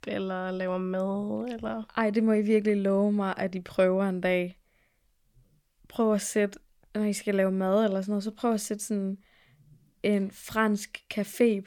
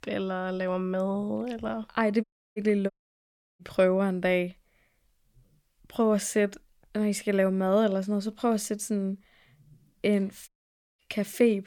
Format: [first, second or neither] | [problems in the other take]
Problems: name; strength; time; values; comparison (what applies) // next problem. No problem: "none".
first | audio cutting out; at 2 s, at 3 s for 0.5 s and at 10 s for 0.5 s